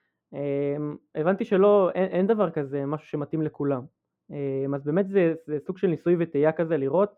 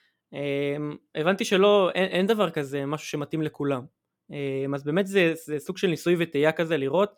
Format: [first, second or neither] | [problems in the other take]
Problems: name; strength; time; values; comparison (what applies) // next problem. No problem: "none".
second | muffled; very; fading above 2.5 kHz